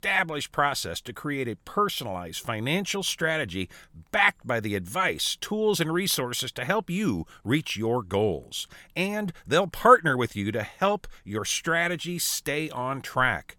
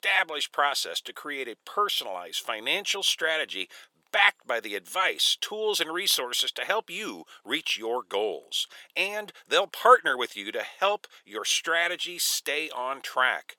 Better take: first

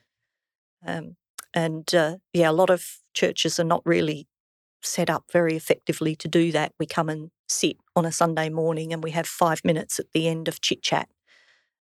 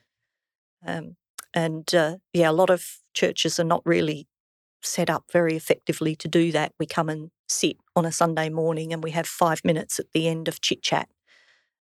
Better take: neither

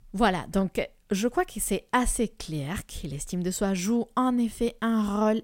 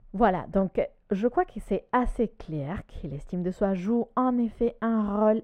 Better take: first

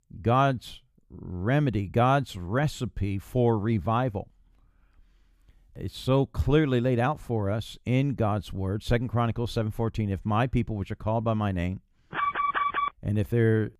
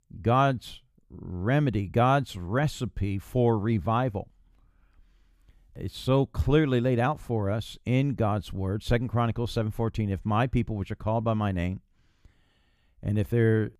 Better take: second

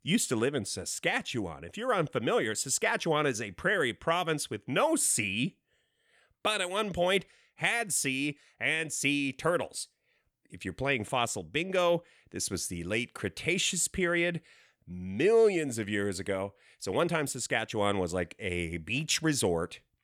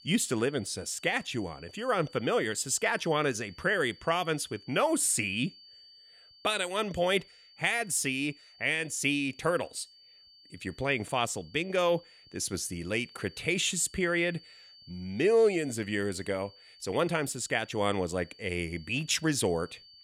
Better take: first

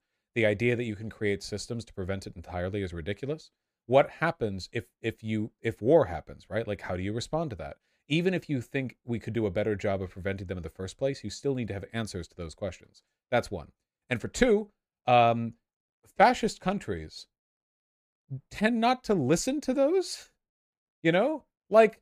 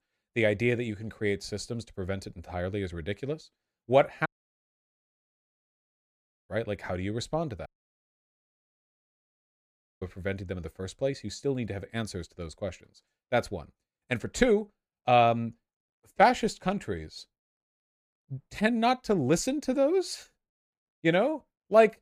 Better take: first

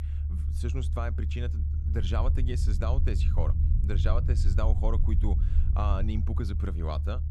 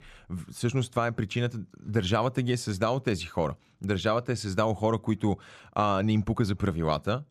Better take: second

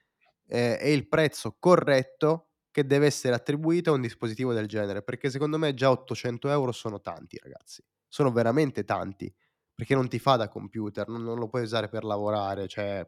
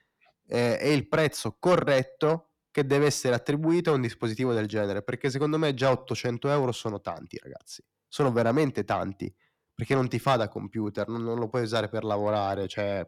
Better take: first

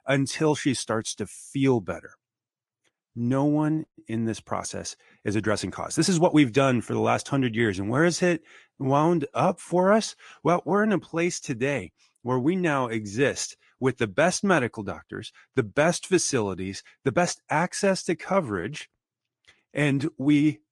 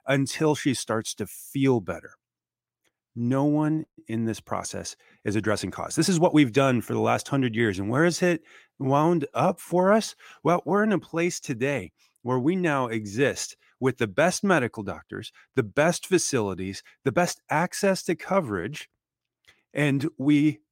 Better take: second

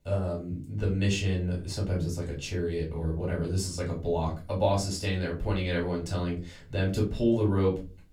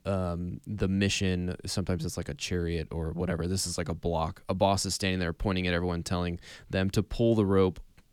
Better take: second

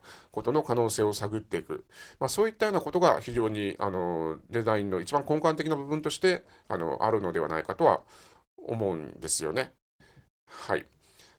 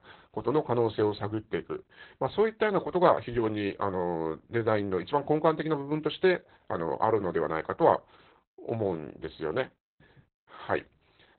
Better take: first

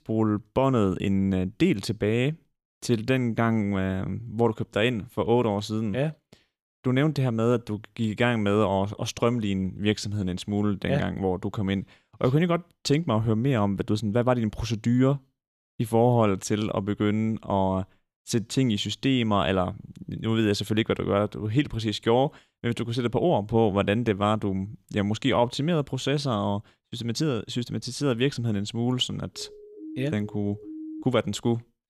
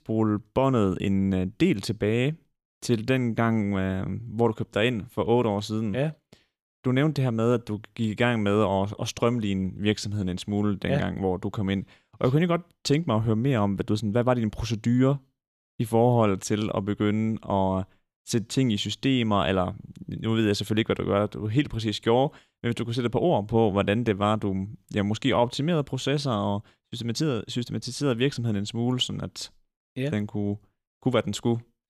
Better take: second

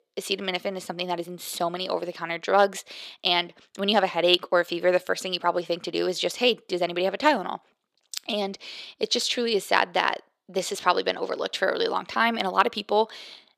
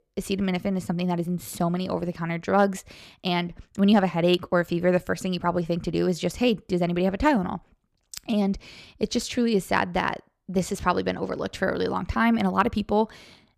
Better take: second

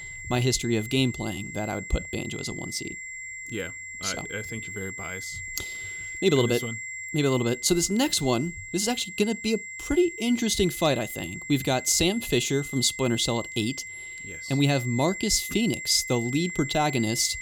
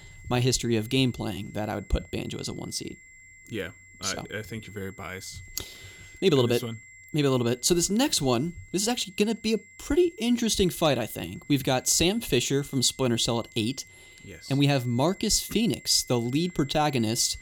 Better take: second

